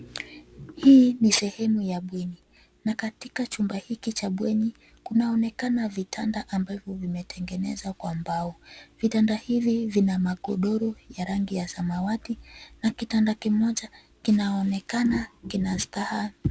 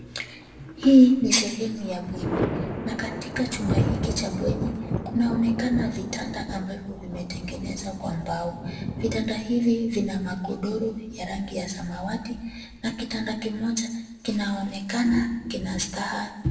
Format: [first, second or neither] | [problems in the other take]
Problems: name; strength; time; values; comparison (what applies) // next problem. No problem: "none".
first | background sound (Thunder); 7 dB below the speech // room echo; dies away in 0.8 s